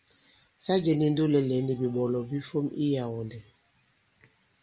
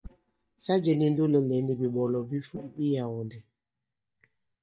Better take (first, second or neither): first